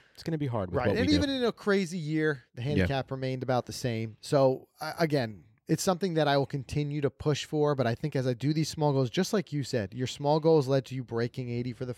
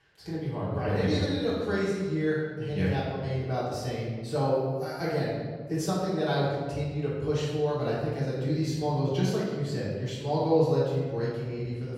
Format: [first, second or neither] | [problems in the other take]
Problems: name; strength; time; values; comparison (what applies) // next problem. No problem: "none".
first | off-mic speech; far // room echo; strong; dies away in 1.4 s